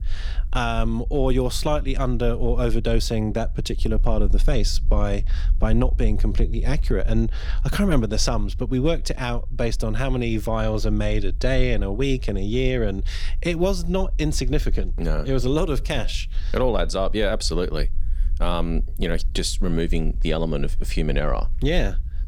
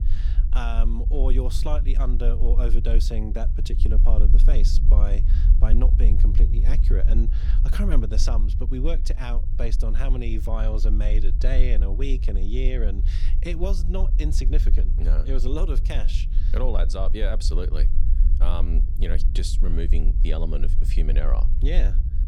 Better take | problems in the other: first | low rumble; loud; throughout; 10 dB below the speech; faint in the first

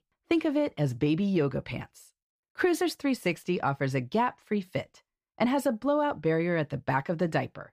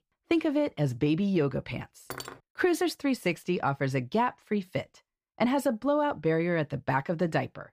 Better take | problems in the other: first | clattering dishes; faint; at 2 s; peak 10 dB below the speech

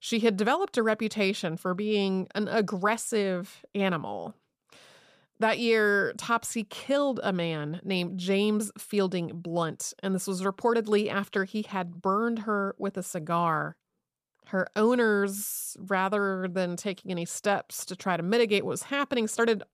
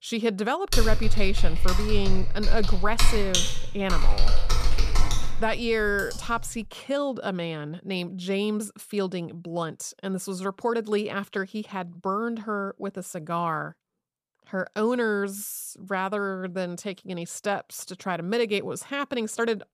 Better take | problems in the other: first | keyboard typing; loud; from 0.5 to 6.5 s; peak 5 dB above the speech

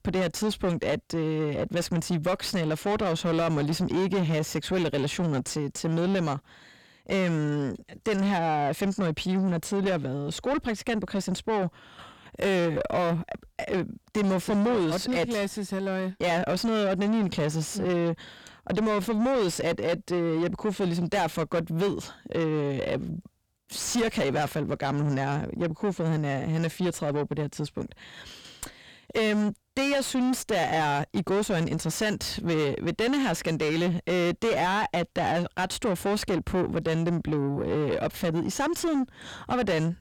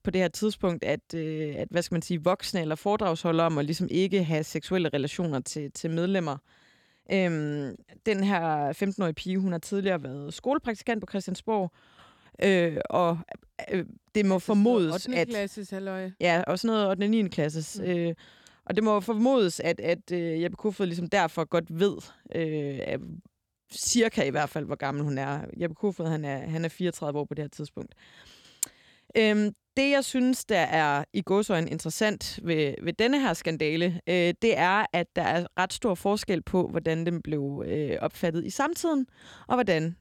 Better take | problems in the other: second | distortion; heavy; 7 dB below the speech

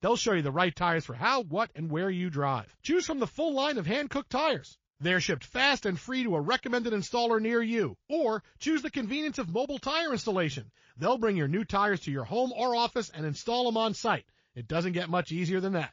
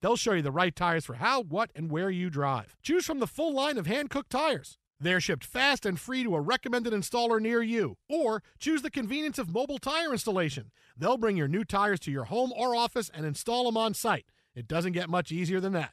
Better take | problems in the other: second | garbled, watery; slightly; nothing above 6 kHz

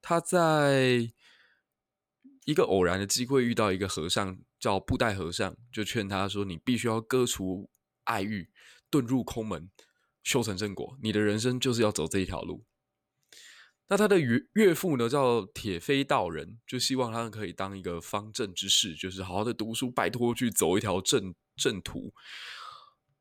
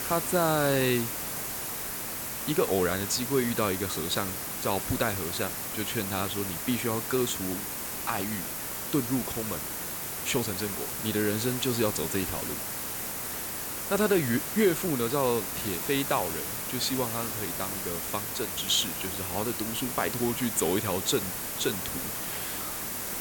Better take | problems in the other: first | hiss; loud; throughout; 2 dB below the speech

